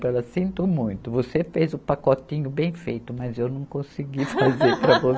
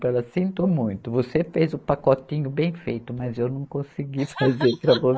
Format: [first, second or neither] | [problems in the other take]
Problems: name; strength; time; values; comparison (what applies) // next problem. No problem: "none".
first | noise reduction (neural mask model Resemble Enhance denoiser)